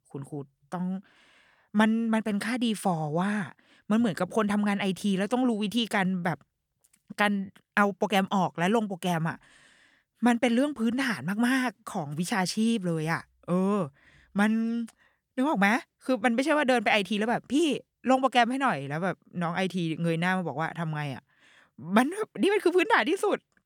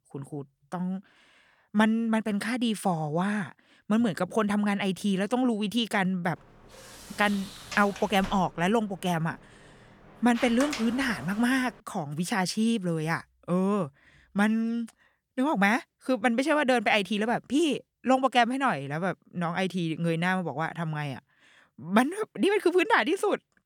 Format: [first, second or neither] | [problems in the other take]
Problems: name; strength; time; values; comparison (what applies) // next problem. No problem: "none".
first | door banging; noticeable; from 6.5 to 12 s; peak 7 dB below the speech